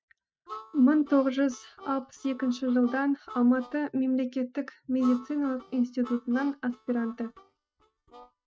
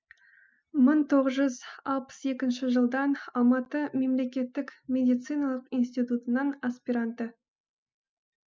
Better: second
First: noise reduction (neural mask model RNNoise)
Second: none

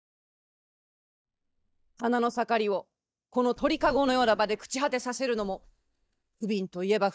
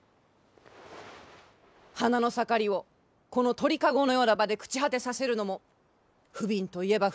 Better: second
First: noise reduction (neural mask model DeepFilterNet 3)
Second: none

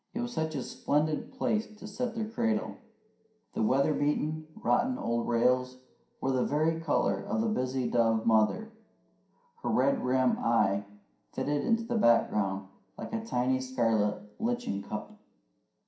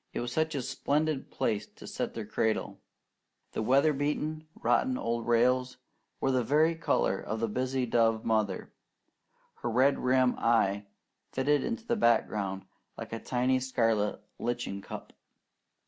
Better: second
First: room echo; dies away in 0.5 s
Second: none

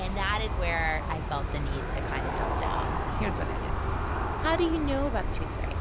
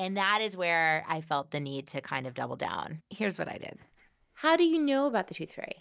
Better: second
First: background sound (Aircraft); 3 dB above the speech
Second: none

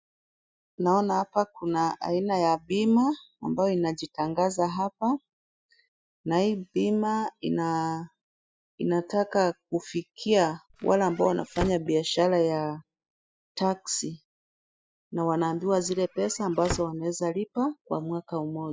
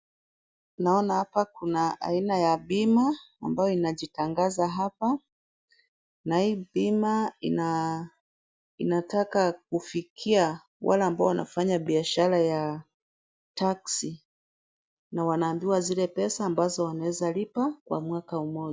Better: second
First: noise reduction (classical method spectral subtraction)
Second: none

